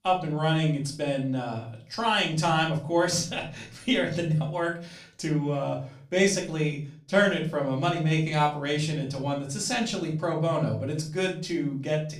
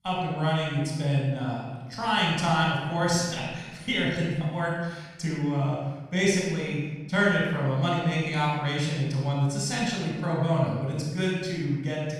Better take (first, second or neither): first